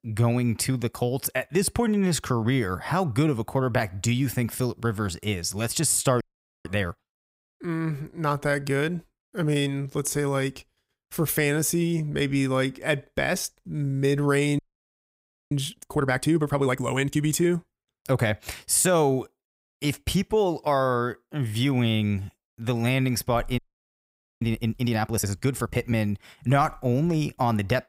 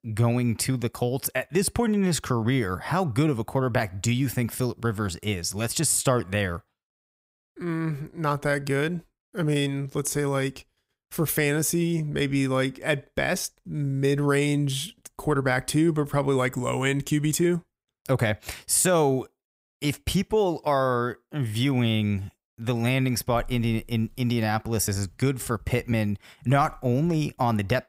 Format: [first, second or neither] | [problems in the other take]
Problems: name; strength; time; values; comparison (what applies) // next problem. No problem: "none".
second | audio freezing; at 6 s, at 15 s for 1 s and at 24 s for 1 s